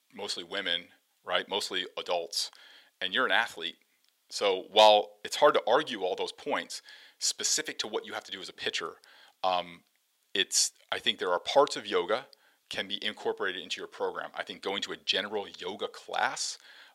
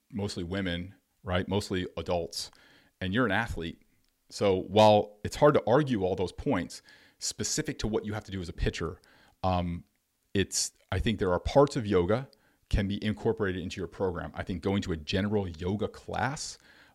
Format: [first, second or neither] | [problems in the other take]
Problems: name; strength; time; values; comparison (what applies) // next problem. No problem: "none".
second | thin; very; fading below 600 Hz